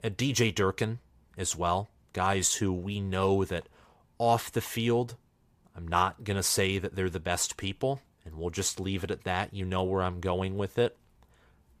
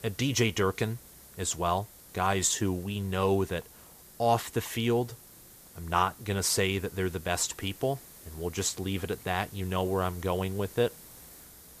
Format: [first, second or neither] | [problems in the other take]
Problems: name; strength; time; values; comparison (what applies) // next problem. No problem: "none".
first | hiss; noticeable; throughout; 20 dB below the speech